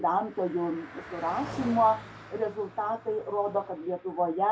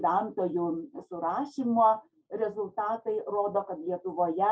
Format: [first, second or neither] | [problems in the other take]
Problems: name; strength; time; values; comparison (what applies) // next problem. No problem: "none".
second | background sound (Car passing by); 15 dB below the speech